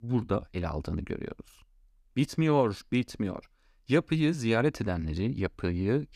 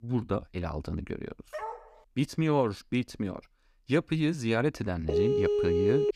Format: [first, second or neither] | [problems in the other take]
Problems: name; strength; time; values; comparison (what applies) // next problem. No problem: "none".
first | dog barking; noticeable; at 1.5 s; peak 8 dB below the speech // phone ringing; loud; from 5 s on; peak 4 dB above the speech